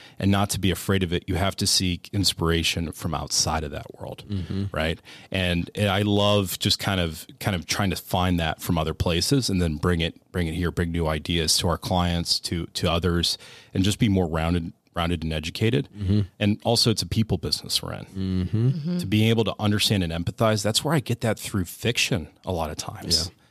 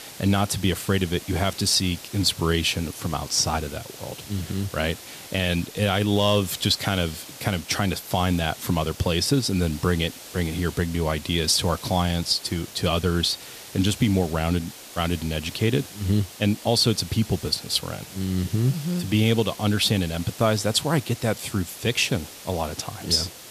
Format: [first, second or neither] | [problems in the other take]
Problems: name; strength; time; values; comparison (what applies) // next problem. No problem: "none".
first | hiss; noticeable; throughout; 15 dB below the speech